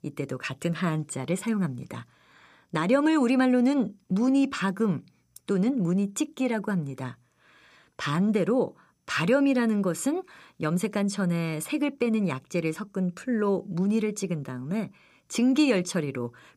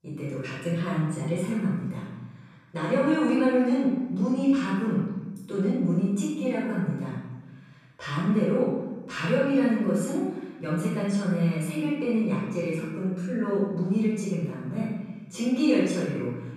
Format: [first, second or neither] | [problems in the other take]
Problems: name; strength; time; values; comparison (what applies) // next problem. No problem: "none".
first | room echo; strong; dies away in 1.1 s // off-mic speech; far